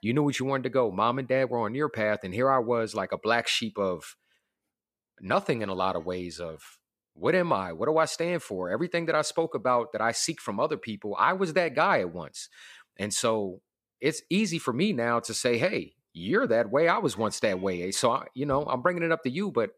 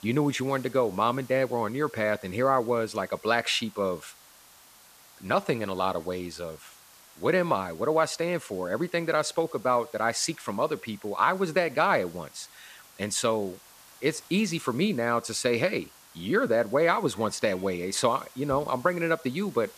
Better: first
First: none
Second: hiss; faint; throughout; 25 dB below the speech

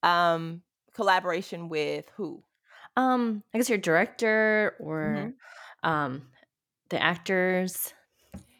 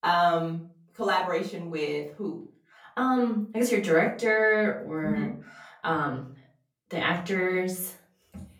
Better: first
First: none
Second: room echo; slight; dies away in 0.3 s // off-mic speech; far

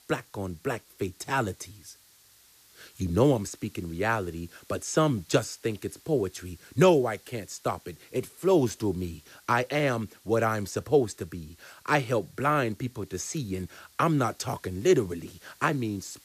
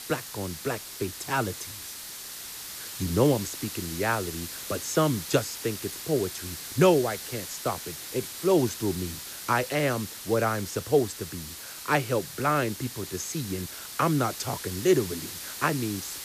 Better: first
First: hiss; faint; throughout; 25 dB below the speech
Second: hiss; loud; throughout; 8 dB below the speech

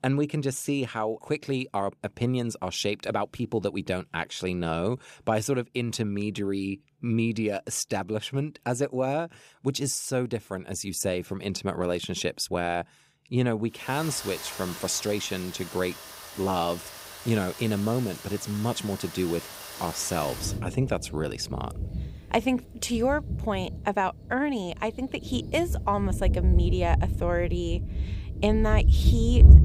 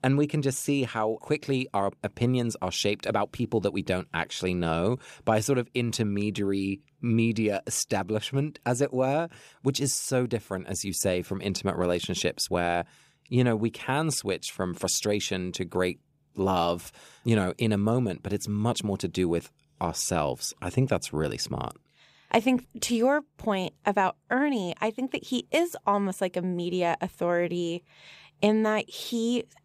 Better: second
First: rain or running water; loud; from 14 s on; as loud as the speech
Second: none

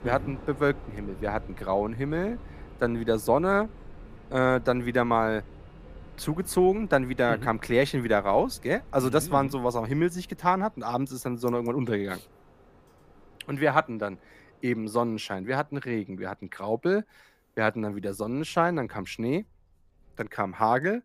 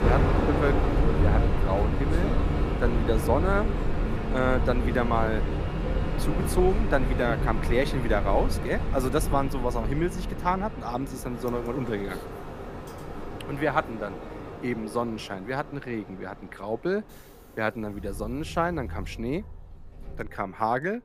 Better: first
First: train or aircraft noise; faint; throughout; 20 dB below the speech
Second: train or aircraft noise; loud; throughout; as loud as the speech

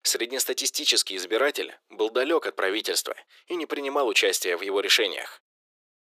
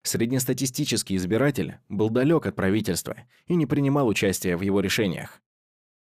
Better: second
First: thin; very; fading below 350 Hz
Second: none

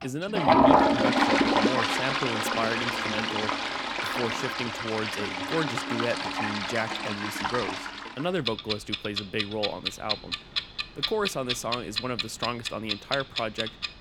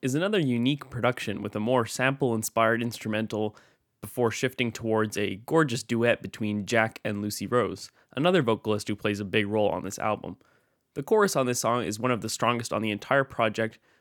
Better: second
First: household noises; very loud; throughout; 5 dB above the speech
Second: none

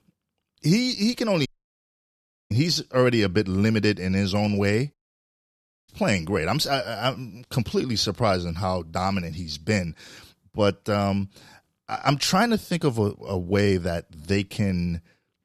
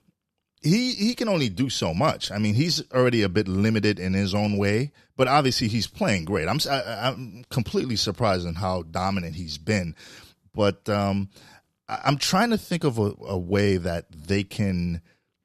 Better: second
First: audio cutting out; at 1.5 s for 1 s and at 5 s for 1 s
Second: none

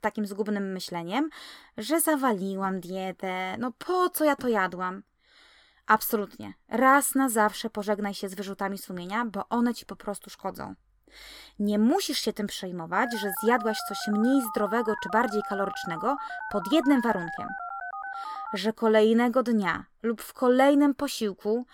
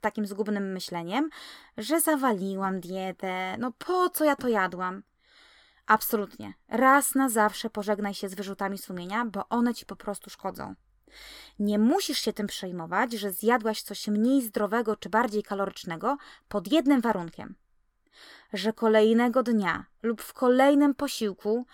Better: second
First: phone ringing; noticeable; from 13 to 19 s; peak 8 dB below the speech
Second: none

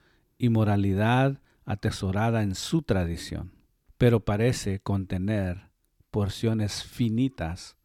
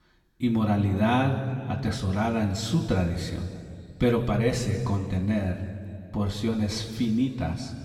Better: first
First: none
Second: room echo; slight; dies away in 1.9 s // off-mic speech; somewhat distant

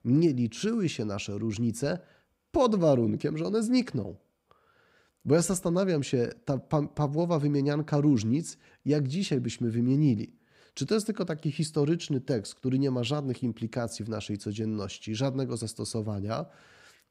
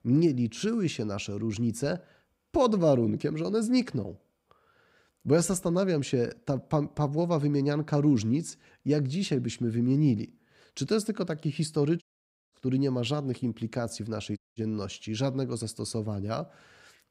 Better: first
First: none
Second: audio cutting out; at 12 s for 0.5 s and at 14 s

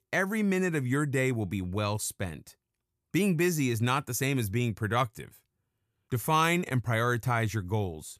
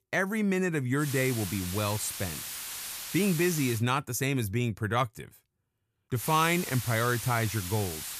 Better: first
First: none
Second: hiss; loud; from 1 to 4 s and from 6 s on; 7 dB below the speech

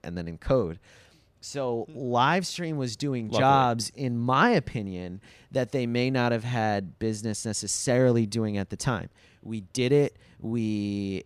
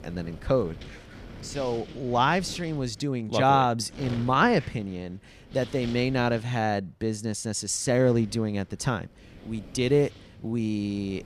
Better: first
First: none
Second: wind noise on the microphone; occasional gusts; until 3 s, from 4 to 6.5 s and from 8 s on; 20 dB below the speech

